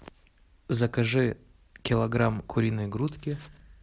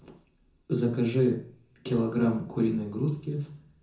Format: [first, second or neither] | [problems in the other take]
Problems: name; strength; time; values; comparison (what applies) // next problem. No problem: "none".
first | room echo; dies away in 0.6 s